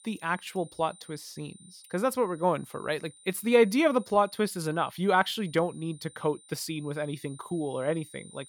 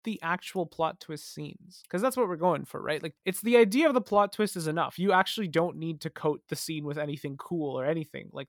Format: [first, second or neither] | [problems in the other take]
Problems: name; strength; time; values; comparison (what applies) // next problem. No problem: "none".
second | high-pitched whine; faint; throughout; 9 kHz, 25 dB below the speech